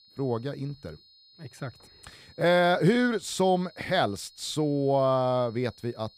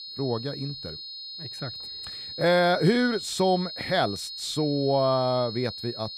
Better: first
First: high-pitched whine; faint; throughout; 4 kHz, 25 dB below the speech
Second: high-pitched whine; loud; throughout; 4 kHz, 10 dB below the speech

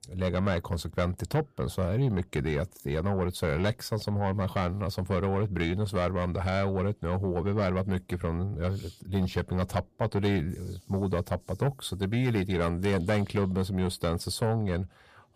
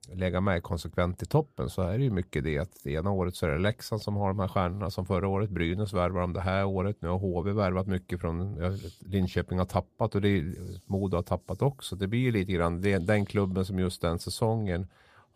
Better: second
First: distortion; slight; 10 dB below the speech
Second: none

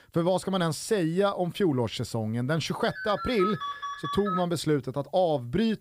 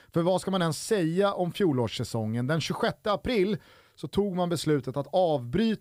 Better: second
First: phone ringing; noticeable; from 3 to 4.5 s; peak 4 dB below the speech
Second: none

